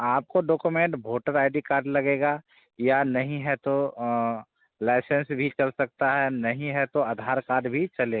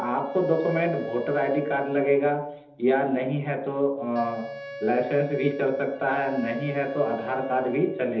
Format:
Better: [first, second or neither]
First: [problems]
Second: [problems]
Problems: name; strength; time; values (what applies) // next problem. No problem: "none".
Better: first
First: none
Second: background sound (Wind instrument, woodwind instrument); 12 dB below the speech // room echo; dies away in 1.2 s